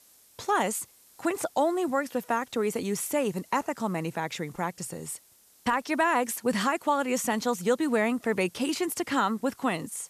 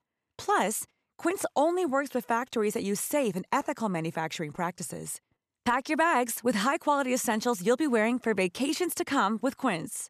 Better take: second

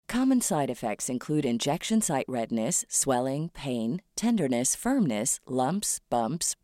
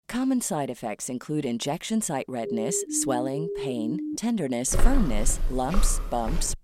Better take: first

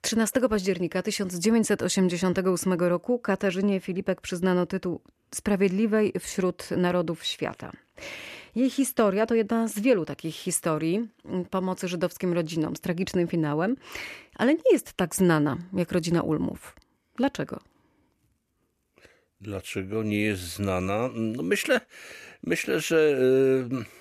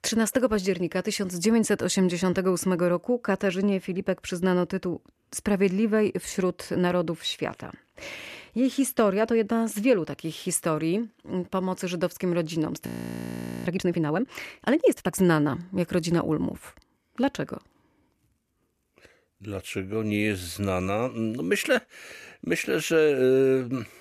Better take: first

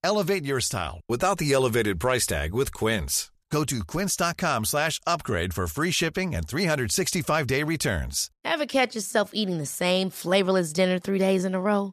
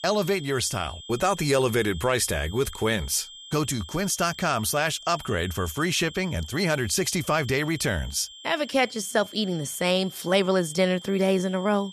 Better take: first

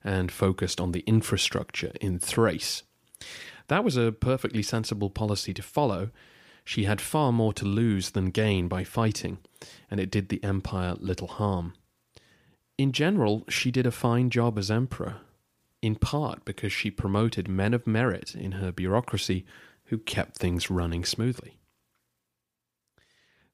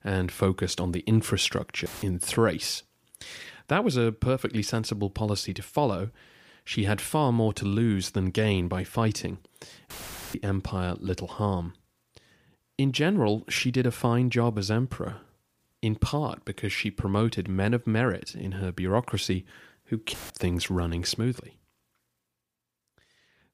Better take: first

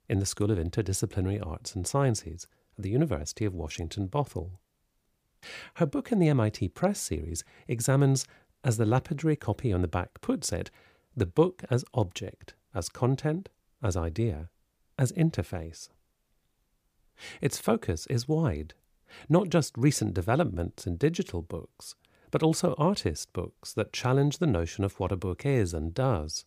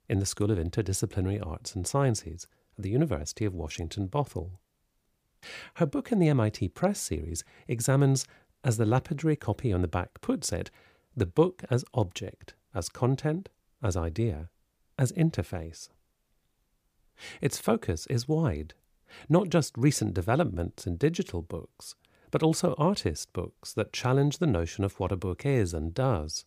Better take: neither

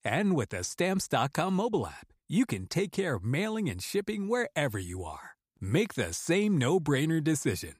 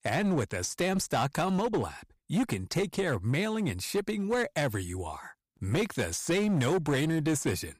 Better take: first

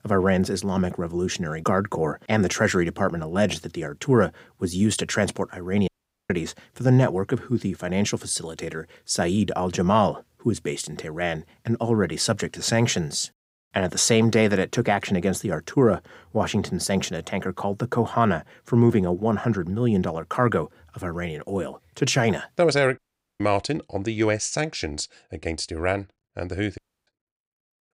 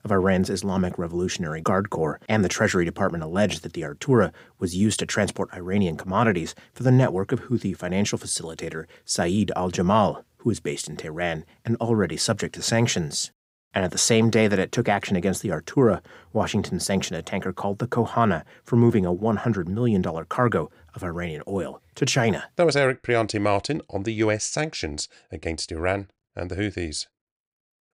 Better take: second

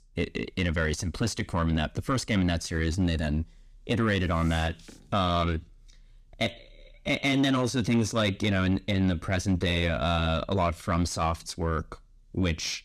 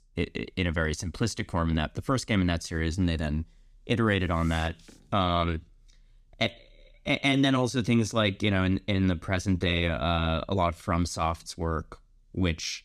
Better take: second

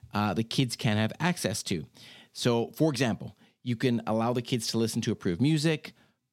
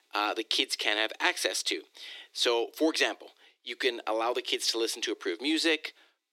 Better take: first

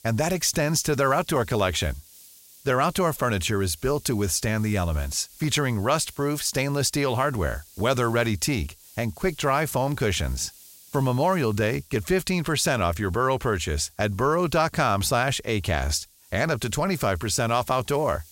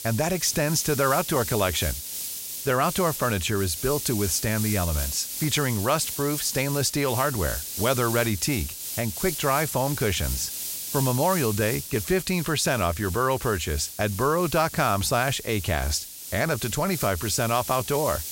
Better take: first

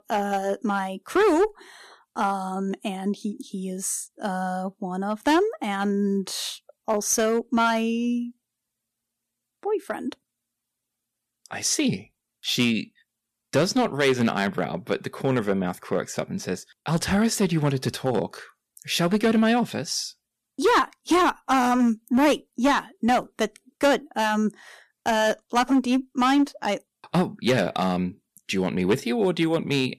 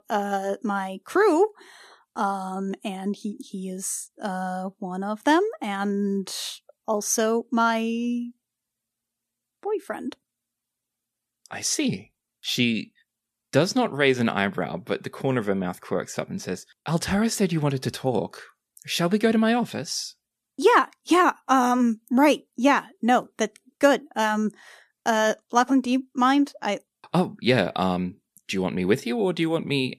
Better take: second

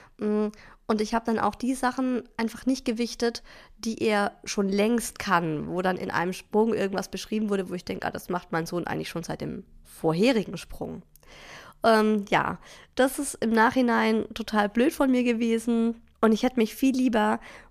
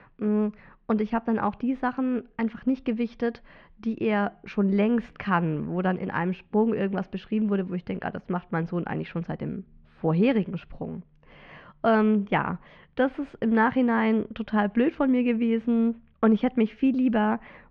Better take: first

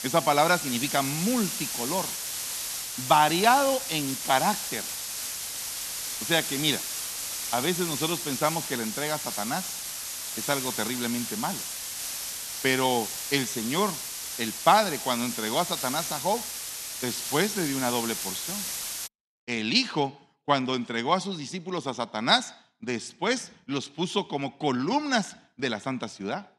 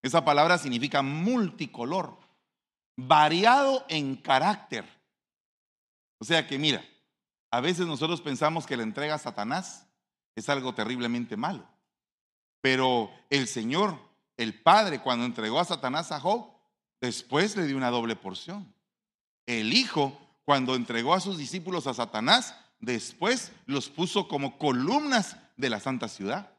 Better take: second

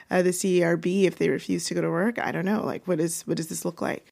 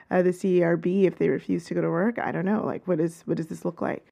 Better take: first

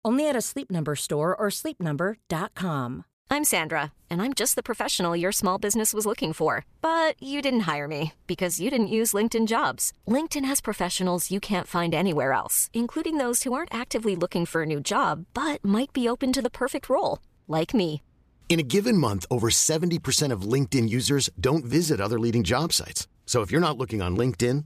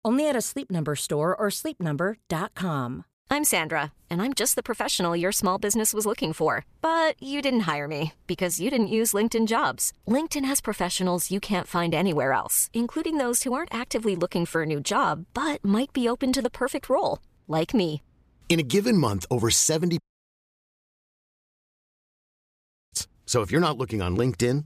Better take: first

